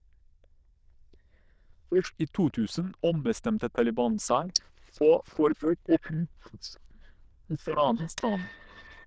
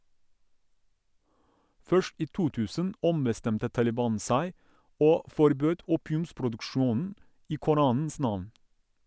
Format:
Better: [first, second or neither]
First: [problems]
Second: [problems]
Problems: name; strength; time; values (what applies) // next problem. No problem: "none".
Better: second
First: noise reduction (neural diffusion model UNIVERSE++)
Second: none